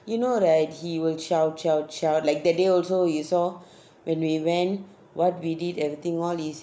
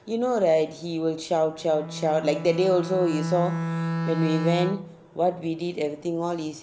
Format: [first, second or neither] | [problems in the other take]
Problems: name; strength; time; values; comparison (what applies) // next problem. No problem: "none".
first | background sound (Bowed string instrument); 7 dB below the speech